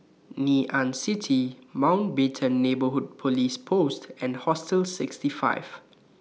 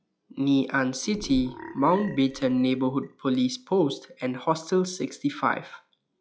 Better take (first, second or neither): first